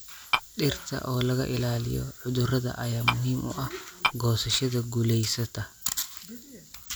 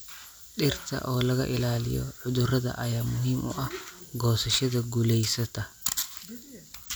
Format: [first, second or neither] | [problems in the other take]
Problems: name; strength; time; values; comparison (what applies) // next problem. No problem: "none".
second | background sound (Tap / Glass); as loud as the speech